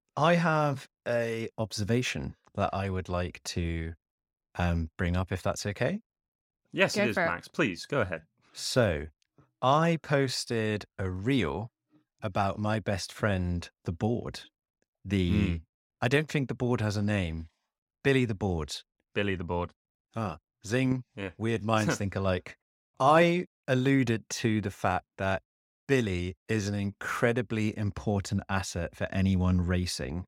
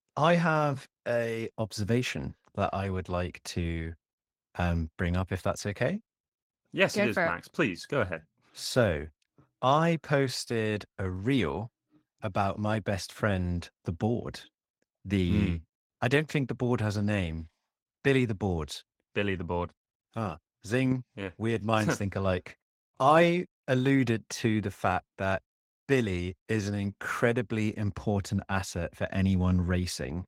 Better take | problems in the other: first | garbled, watery; slightly; nothing above 16.5 kHz

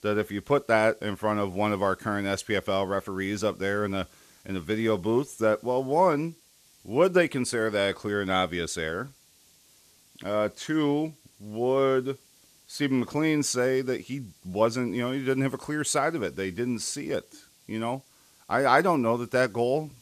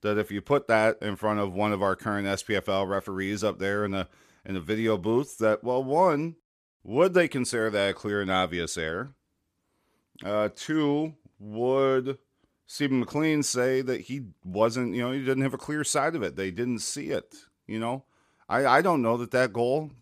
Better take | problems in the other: second | hiss; faint; throughout; 30 dB below the speech

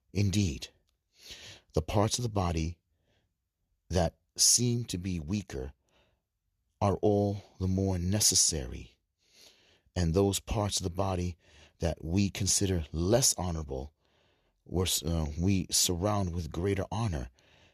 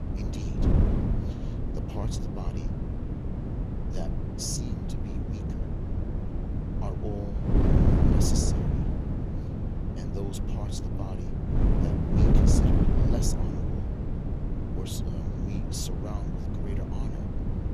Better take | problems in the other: first | wind noise on the microphone; heavy; 4 dB above the speech

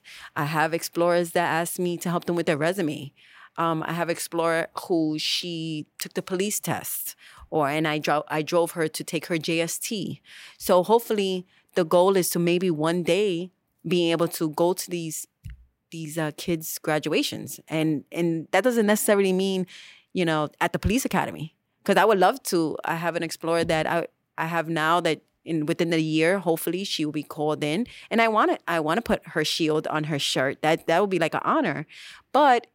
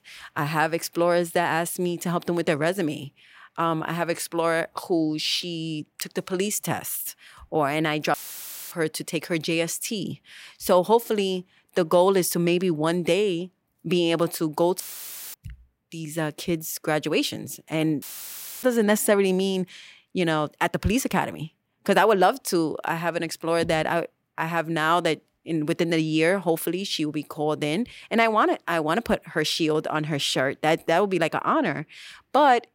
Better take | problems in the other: first | audio cutting out; filled with static; at 8 s for 0.5 s, at 15 s for 0.5 s and at 18 s for 0.5 s

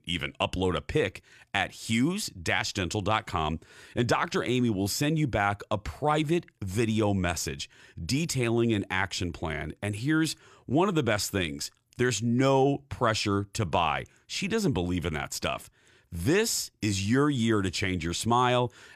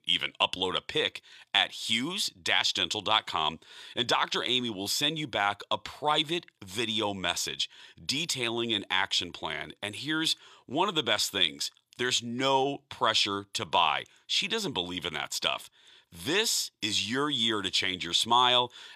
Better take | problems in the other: first | thin; somewhat; fading below 500 Hz

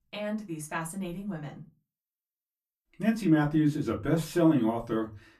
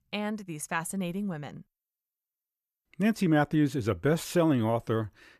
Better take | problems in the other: second | off-mic speech; far // room echo; very slight; dies away in 0.2 s

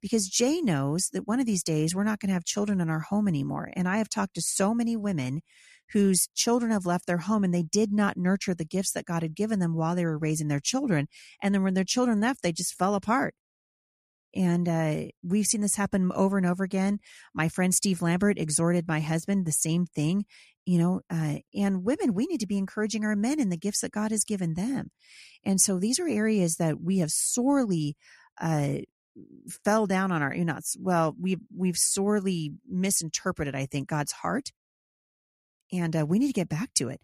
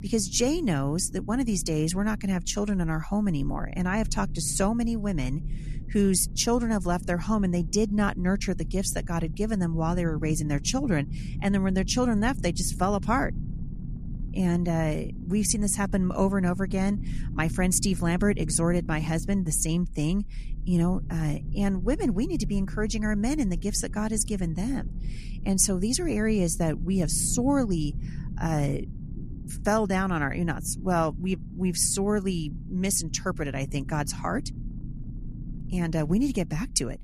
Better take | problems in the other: first | low rumble; noticeable; throughout; 20 dB below the speech

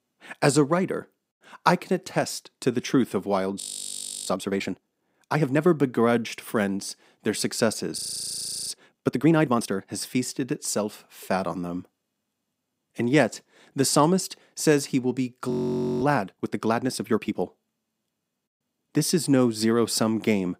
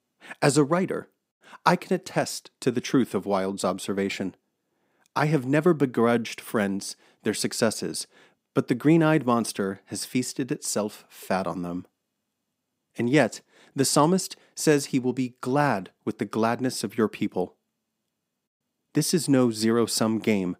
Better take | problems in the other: second | audio freezing; at 3.5 s for 0.5 s, at 8 s for 0.5 s and at 16 s for 0.5 s

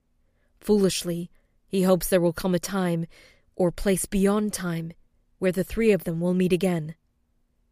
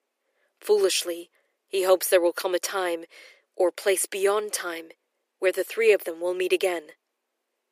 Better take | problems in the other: first | thin; very; fading below 350 Hz

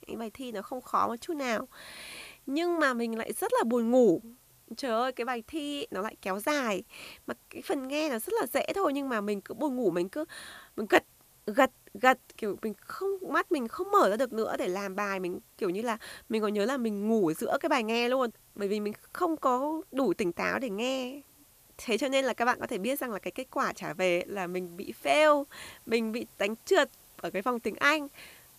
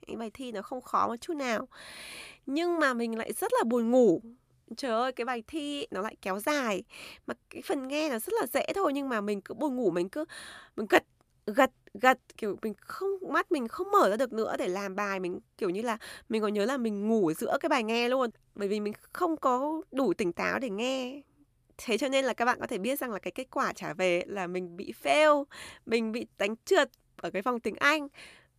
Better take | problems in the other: second | hiss; faint; throughout; 25 dB below the speech

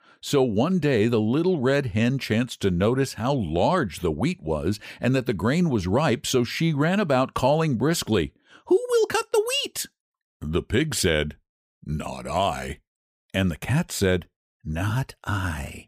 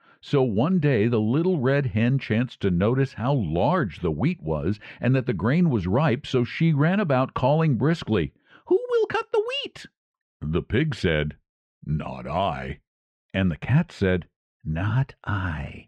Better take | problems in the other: first | muffled; slightly; fading above 2.5 kHz

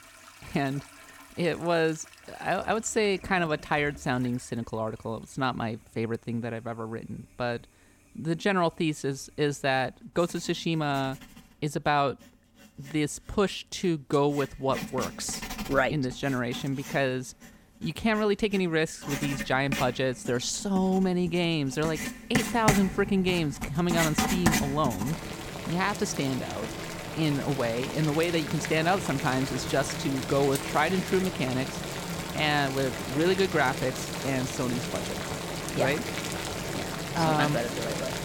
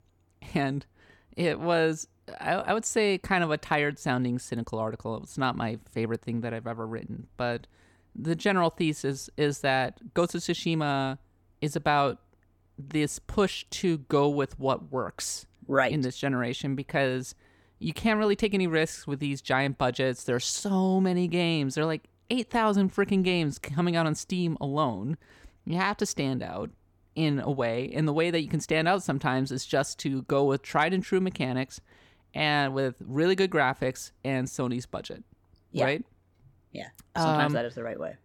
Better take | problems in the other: second | household noises; loud; throughout; 5 dB below the speech

